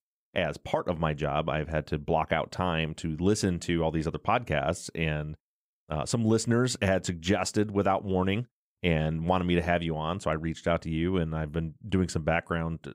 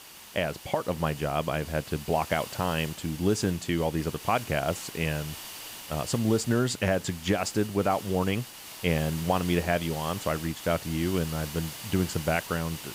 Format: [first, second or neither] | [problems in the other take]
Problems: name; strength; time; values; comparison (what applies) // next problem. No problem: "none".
first | hiss; noticeable; throughout; 10 dB below the speech